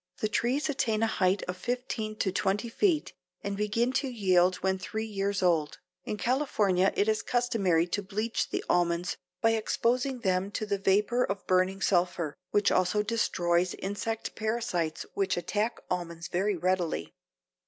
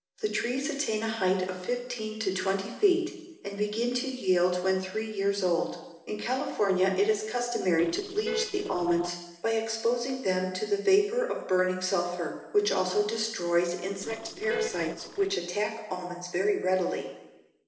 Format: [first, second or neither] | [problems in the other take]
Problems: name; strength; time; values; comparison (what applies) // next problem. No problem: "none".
first | noise reduction (neural separator model SepFormer DNS4)